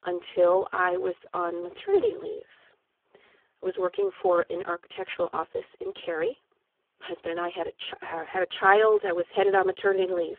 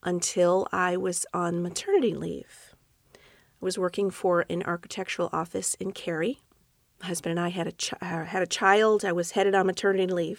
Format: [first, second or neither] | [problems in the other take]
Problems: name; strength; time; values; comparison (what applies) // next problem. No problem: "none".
second | phone-call audio; poor line